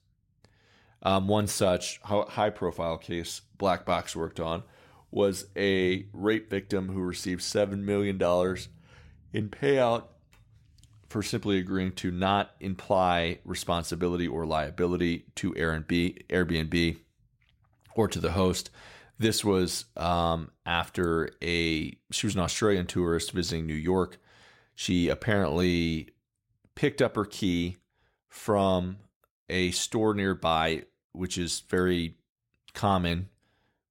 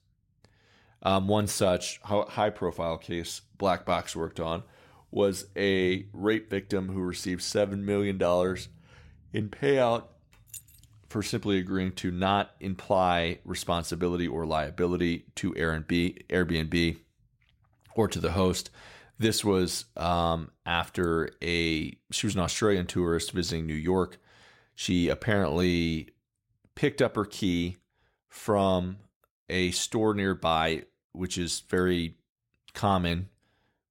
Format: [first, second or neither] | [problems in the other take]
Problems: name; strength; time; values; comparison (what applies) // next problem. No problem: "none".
first | jangling keys; faint; at 11 s; peak 15 dB below the speech